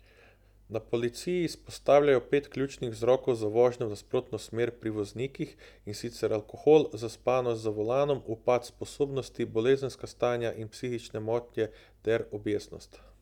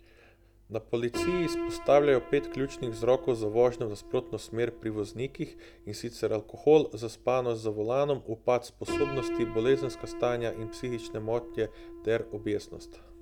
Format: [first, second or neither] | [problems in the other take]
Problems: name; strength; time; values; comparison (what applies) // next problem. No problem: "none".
first | background sound (Piano); 11 dB below the speech